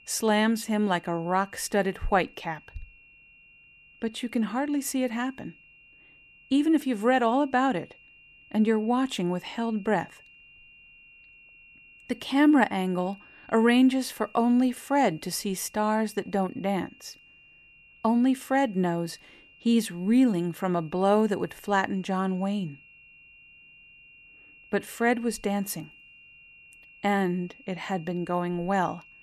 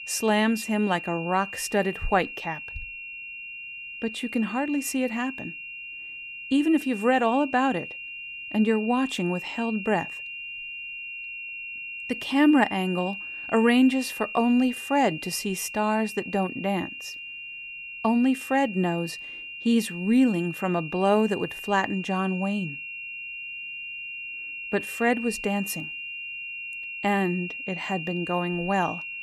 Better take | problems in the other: first | high-pitched whine; loud; throughout; 3 kHz, 9 dB below the speech; faint in the first

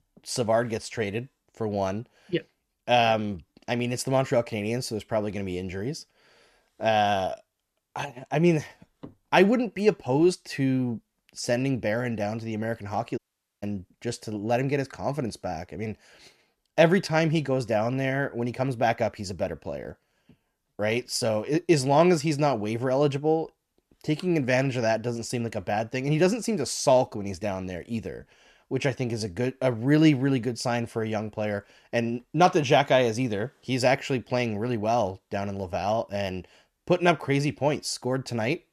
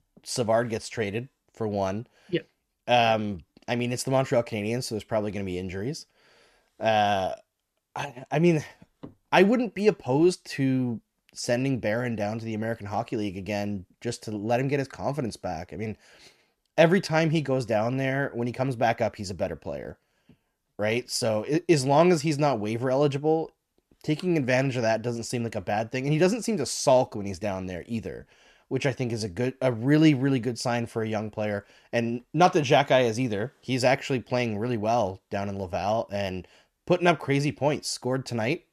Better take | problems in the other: second | audio cutting out; at 13 s

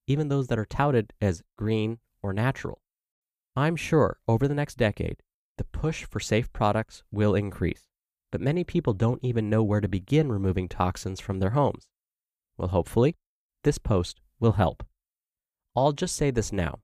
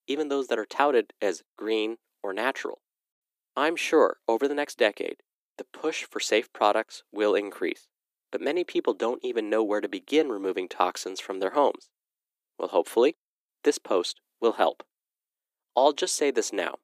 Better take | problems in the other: first | thin; very; fading below 300 Hz

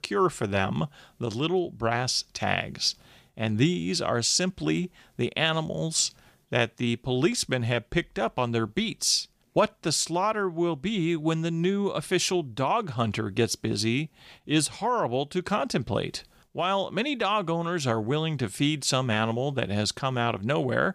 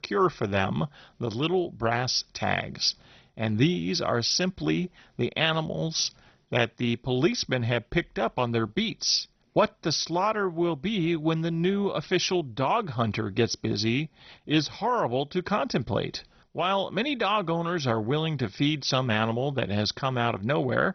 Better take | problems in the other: first | garbled, watery; badly; nothing above 6 kHz

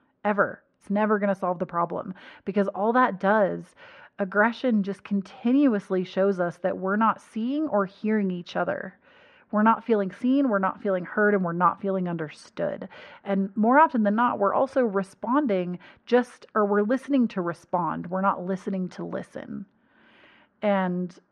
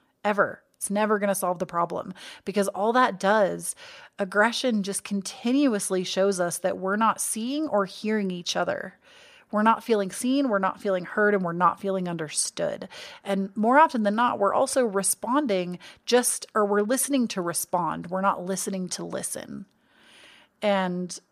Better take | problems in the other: second | muffled; very; fading above 2 kHz

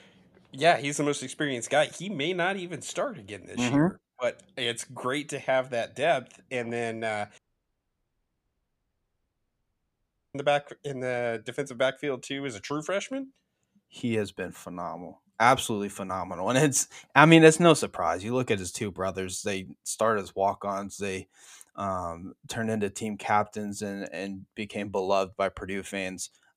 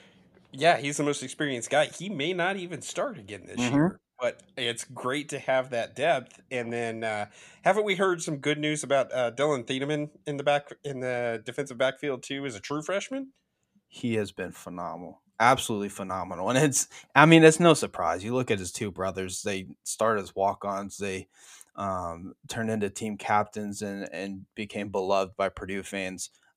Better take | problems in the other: second | audio cutting out; at 7.5 s for 3 s

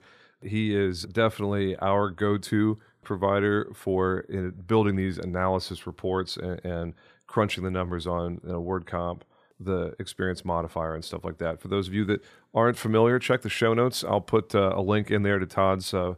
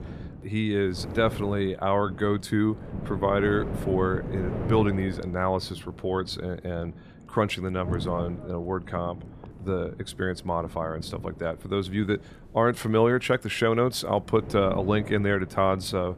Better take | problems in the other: first | wind noise on the microphone; occasional gusts; 15 dB below the speech

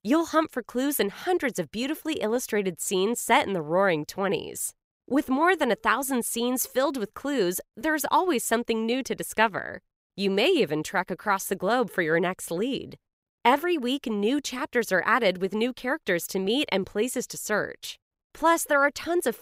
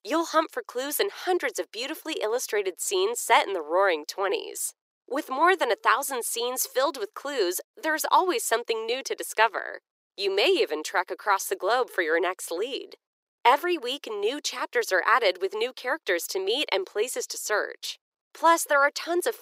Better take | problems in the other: first | thin; very; fading below 350 Hz

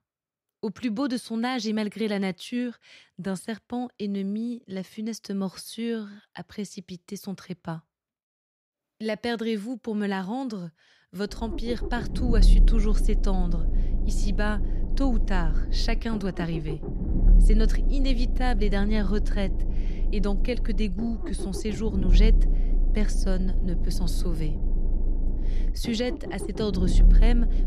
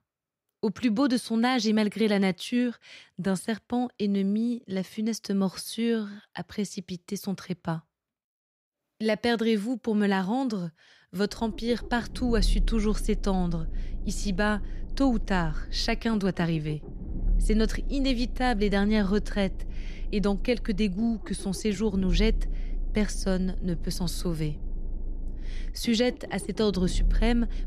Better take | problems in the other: second | low rumble; loud; from 11 s on; 9 dB below the speech; faint in the second

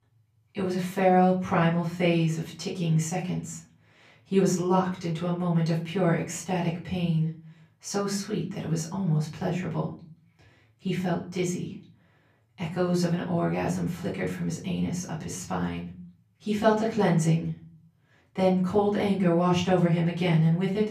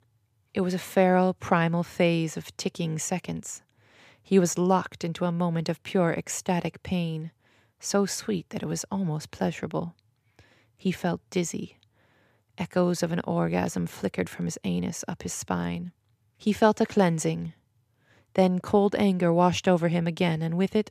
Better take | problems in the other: second | off-mic speech; far // room echo; slight; dies away in 0.4 s

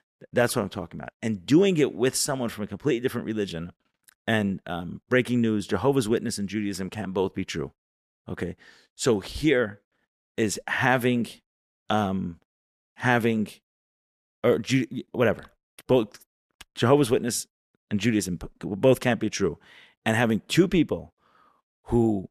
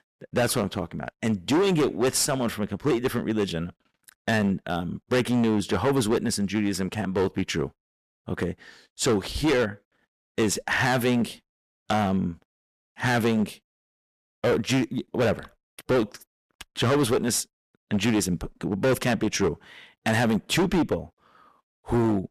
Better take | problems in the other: first | distortion; heavy; 12% of the sound clipped

